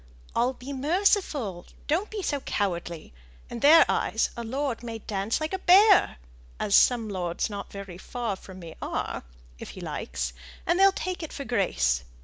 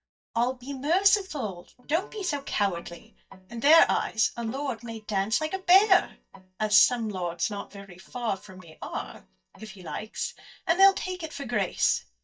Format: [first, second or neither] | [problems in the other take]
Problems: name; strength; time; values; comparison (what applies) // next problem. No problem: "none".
first | noise reduction (neural mask model DeepFilterNet 3)